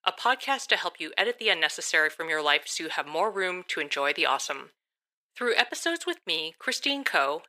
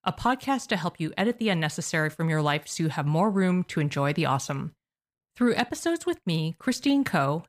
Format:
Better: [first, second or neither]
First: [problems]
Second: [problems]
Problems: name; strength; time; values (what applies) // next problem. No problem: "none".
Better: second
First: thin; very; fading below 400 Hz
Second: none